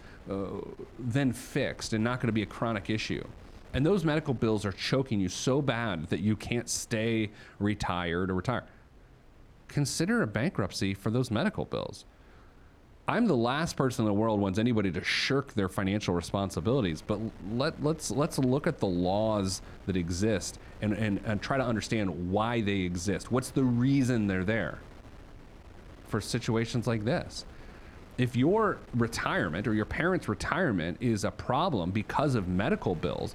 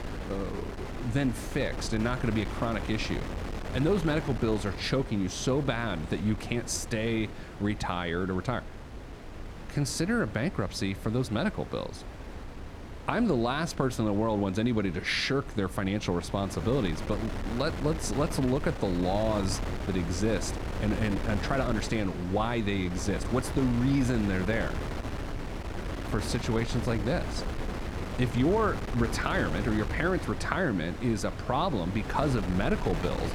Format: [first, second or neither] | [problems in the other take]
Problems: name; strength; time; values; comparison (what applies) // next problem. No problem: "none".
first | wind noise on the microphone; heavy; 9 dB below the speech; occasional gusts in the first